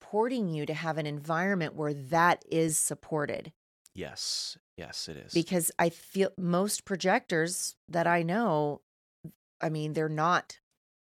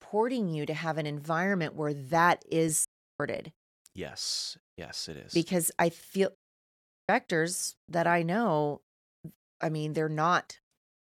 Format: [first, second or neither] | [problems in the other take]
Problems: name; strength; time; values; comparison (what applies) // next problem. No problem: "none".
first | audio cutting out; at 3 s and at 6.5 s for 0.5 s